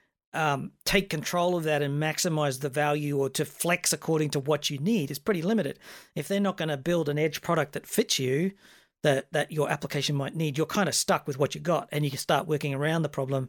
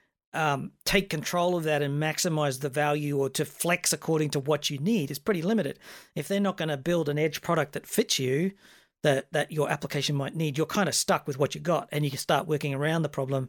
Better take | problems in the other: neither | none

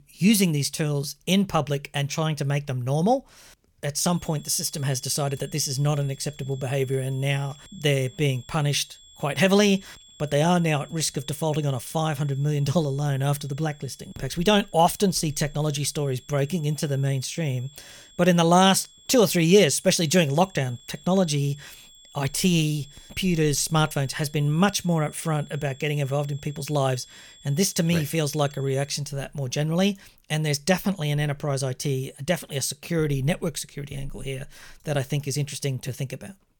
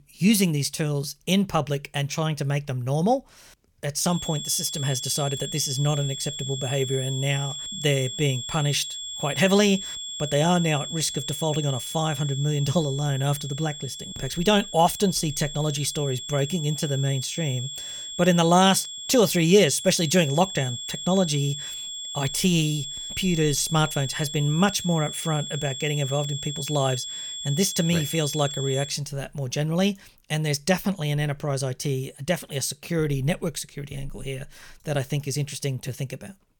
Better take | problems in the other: first | high-pitched whine; loud; from 4 to 29 s; 3.5 kHz, 7 dB below the speech; faint in the first

